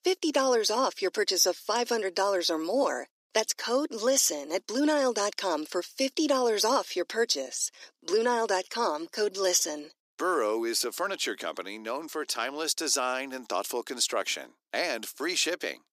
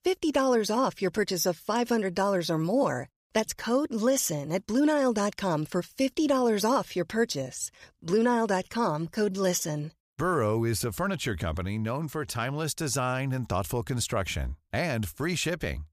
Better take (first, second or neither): second